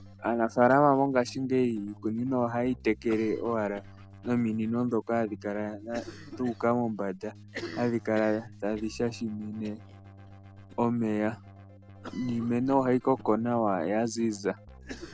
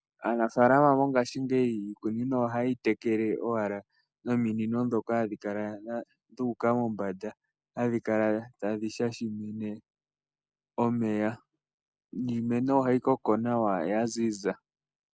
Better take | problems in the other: second | background sound (Cough + Keyboard (musical)); 18 dB below the speech

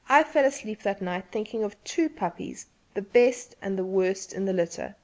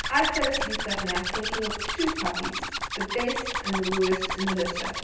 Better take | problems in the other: first | background sound (Zipper (clothing)); 1 dB below the speech // room echo; dies away in 0.9 s

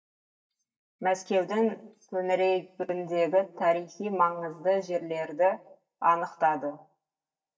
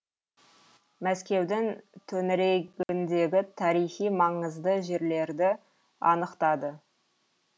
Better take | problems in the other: second | noise reduction (neural mask model DeepFilterNet 3)

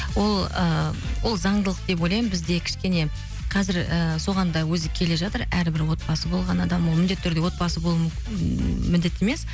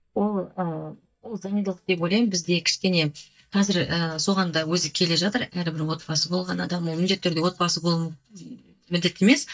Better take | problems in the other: first | noise reduction (neural mask model DeepFilterNet 3)

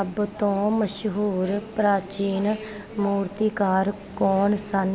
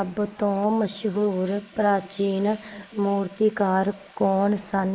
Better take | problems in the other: first | noise reduction (neural mask model Resemble Enhance denoiser)

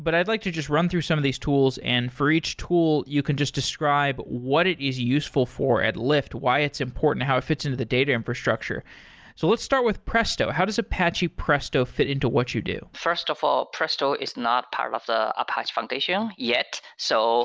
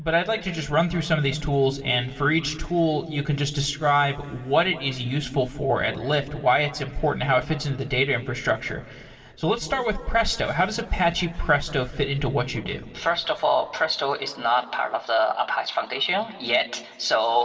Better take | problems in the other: first | room echo; dies away in 2.9 s

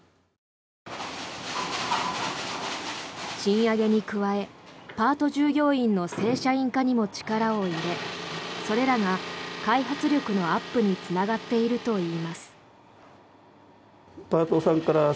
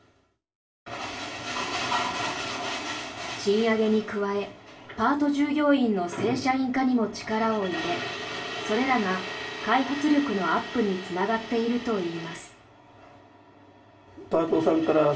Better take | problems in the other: first | room echo; dies away in 0.3 s

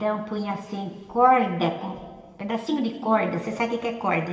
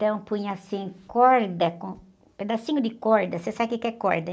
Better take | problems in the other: second | room echo; dies away in 2.1 s

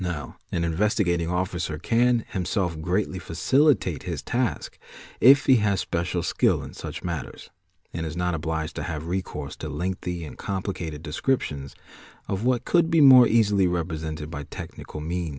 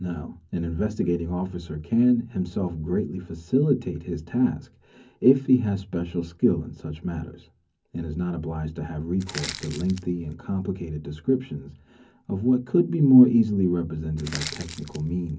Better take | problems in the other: first | background sound (Crushing); 13 dB below the speech // room echo; dies away in 0.3 s

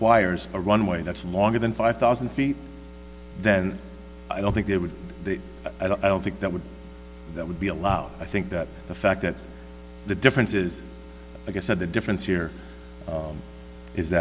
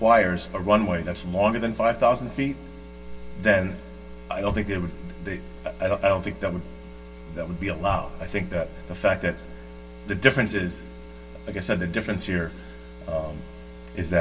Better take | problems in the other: first | room echo; dies away in 0.1 s

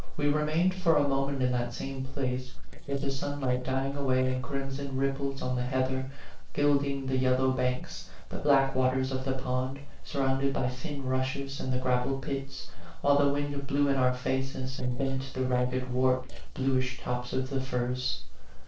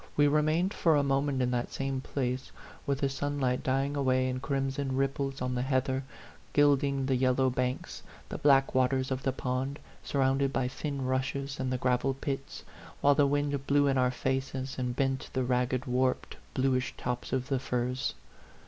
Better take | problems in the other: second | noise reduction (neural separator model SepFormer DNS4)

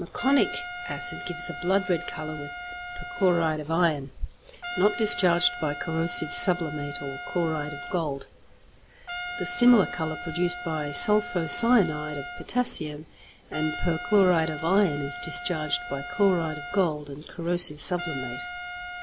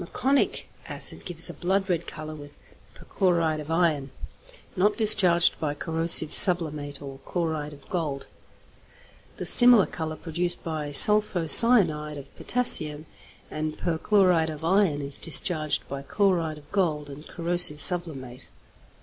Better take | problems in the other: second | background sound (Trumpet); 10 dB below the speech

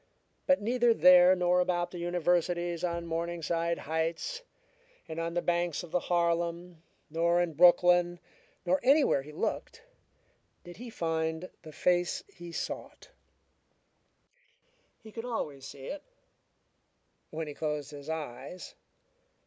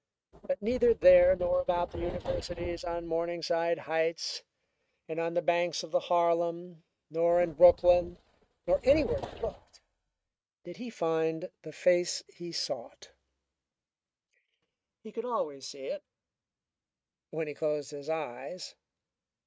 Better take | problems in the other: first | noise reduction (neural mask model RNNoise)

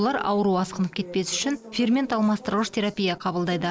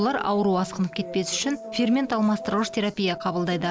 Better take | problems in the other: first | background sound (Musical instrument); 15 dB below the speech

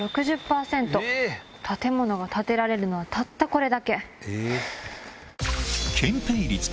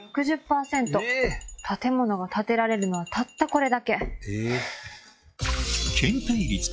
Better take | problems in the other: first | noise reduction (classical method log-MMSE)

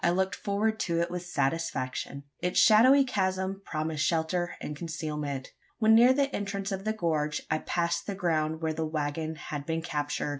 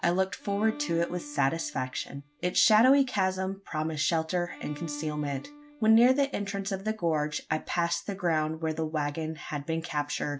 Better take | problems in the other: first | background sound (Bowed string instrument); 19 dB below the speech

